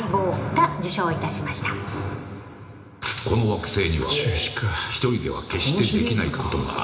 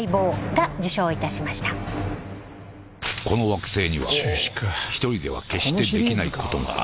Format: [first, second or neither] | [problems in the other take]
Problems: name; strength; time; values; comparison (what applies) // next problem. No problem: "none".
second | room echo; dies away in 0.8 s